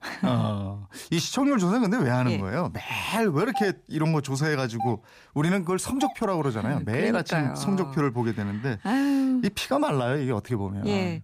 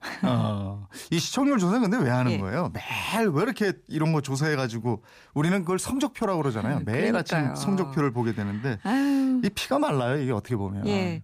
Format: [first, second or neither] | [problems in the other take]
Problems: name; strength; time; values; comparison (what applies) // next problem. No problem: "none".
second | doorbell; noticeable; from 3.5 to 6 s; peak 8 dB below the speech